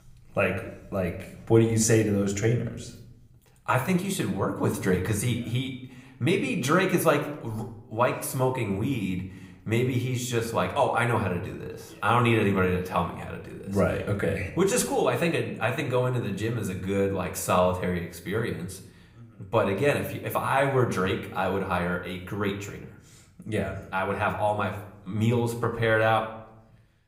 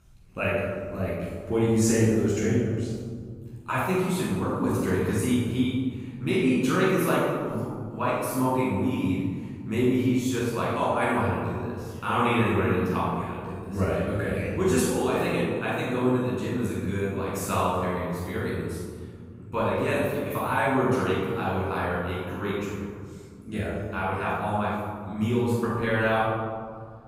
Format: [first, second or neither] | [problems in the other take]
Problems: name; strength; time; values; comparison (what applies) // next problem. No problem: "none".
first | room echo; strong; dies away in 2.1 s; slight in the first // off-mic speech; far; somewhat distant in the first